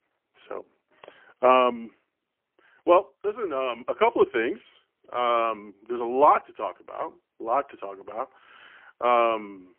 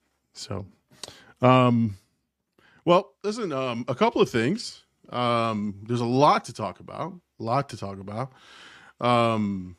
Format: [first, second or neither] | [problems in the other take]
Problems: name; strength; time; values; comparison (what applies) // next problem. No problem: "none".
second | phone-call audio; poor line; nothing above 3 kHz